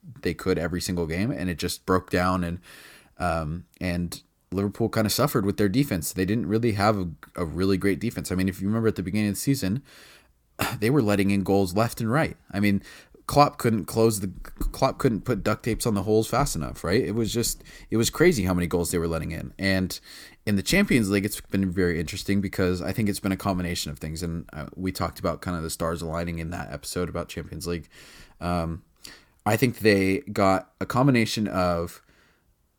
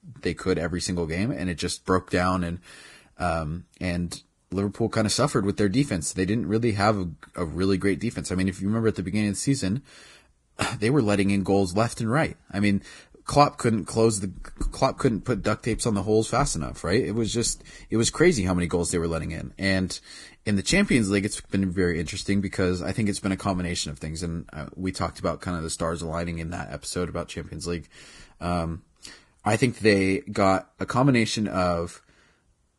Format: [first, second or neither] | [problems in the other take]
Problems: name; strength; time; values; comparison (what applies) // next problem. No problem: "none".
first | garbled, watery; badly; nothing above 10.5 kHz